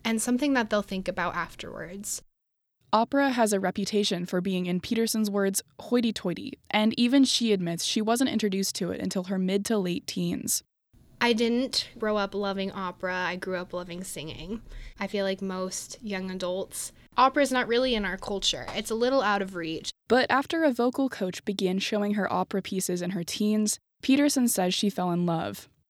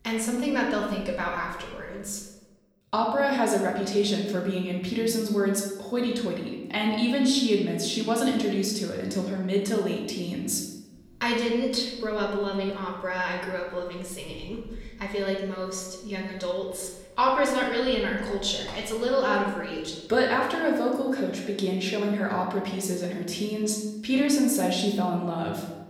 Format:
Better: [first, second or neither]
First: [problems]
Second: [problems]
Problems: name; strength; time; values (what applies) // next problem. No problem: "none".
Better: first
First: none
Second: room echo; noticeable; dies away in 0.9 s // off-mic speech; far